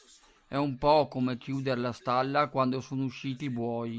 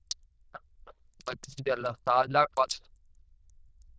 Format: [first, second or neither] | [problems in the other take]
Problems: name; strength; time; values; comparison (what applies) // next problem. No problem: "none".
first | noise reduction (neural diffusion model UNIVERSE++)